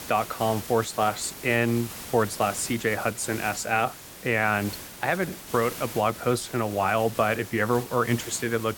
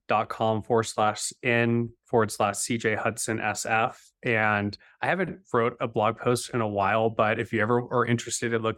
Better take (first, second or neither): second